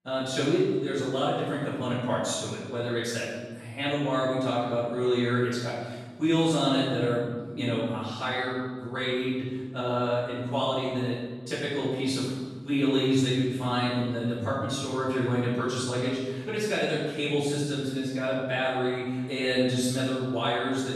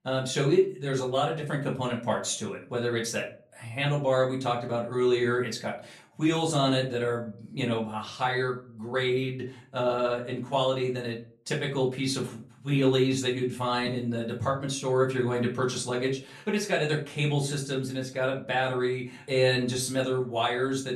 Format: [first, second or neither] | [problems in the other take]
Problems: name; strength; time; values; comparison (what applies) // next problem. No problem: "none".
second | room echo; strong; dies away in 1.6 s; slight in the second // off-mic speech; far; far in the second